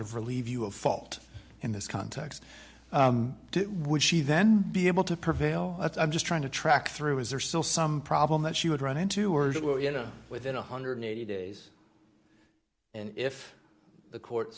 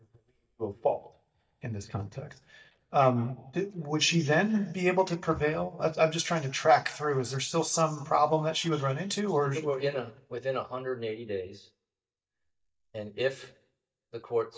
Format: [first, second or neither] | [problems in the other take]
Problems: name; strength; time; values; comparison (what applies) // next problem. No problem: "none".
first | noise reduction (neural mask model DeepFilterNet 3)